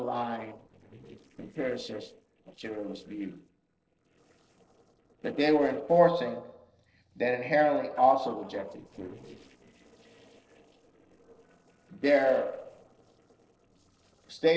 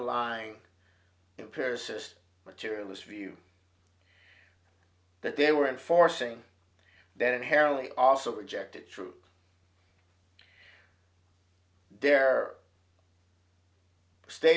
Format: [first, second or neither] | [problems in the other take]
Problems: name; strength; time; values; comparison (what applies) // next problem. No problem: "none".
second | noise reduction (neural separator model SepFormer DNS4)